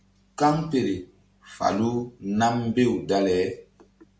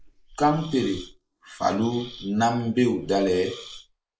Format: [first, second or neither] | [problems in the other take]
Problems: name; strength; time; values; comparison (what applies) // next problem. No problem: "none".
first | noise reduction (neural mask model Resemble Enhance denoiser)